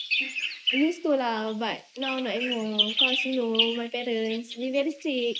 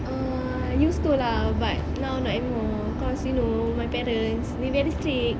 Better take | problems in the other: second | noise reduction (neural mask model Resemble Enhance denoiser)

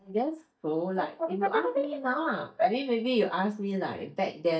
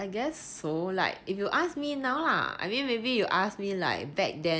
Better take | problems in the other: second | noise reduction (neural mask model DeepFilterNet 3)

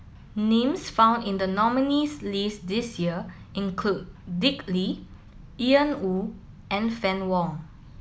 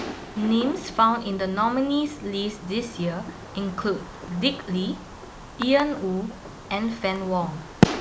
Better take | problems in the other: first | background sound (Fireworks); 6 dB below the speech

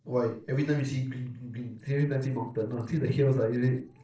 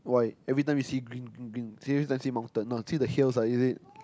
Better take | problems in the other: second | noise reduction (neural separator model SepFormer DNS4)

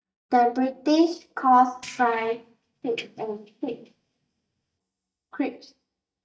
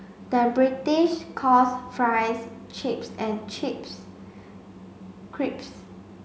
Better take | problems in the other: second | noise reduction (neural mask model DeepFilterNet 3)

